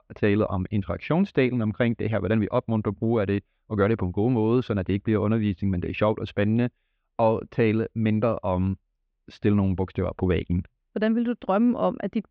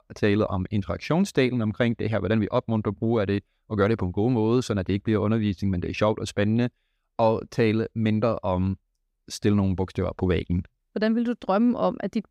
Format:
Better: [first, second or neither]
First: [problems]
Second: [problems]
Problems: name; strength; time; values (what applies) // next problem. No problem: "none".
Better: second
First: muffled; slightly; fading above 3 kHz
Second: none